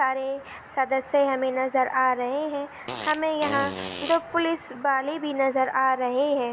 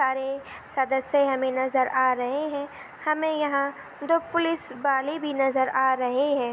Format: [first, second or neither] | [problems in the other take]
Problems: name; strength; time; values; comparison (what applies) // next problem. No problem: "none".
second | background sound (Fart); 10 dB below the speech